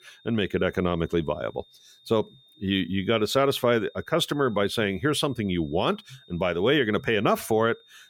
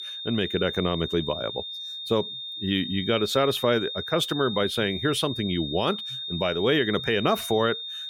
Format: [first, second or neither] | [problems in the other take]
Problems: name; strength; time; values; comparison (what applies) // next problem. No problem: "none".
first | high-pitched whine; loud; throughout; 3.5 kHz, 6 dB below the speech; faint in the first